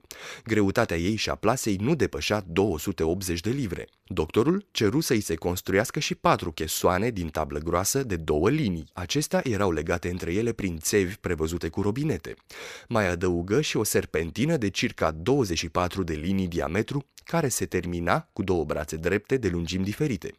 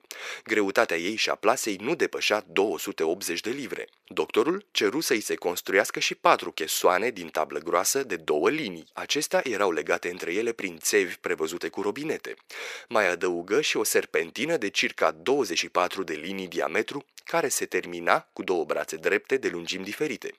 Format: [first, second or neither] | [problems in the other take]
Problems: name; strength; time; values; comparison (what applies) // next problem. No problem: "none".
first | thin; somewhat; fading below 450 Hz